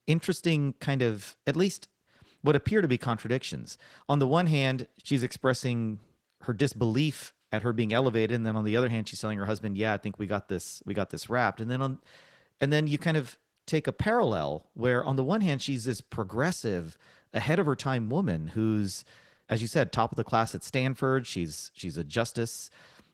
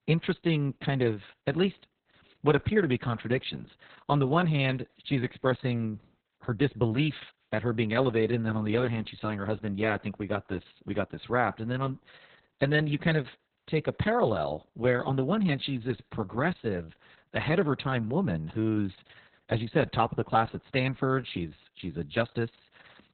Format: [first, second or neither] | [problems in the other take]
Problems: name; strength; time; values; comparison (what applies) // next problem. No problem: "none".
first | garbled, watery; badly; nothing above 4 kHz; slightly in the first